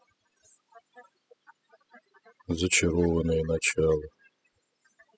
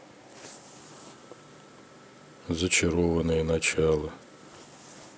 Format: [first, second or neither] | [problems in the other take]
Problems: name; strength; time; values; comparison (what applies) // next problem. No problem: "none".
second | noise reduction (classical method spectral subtraction)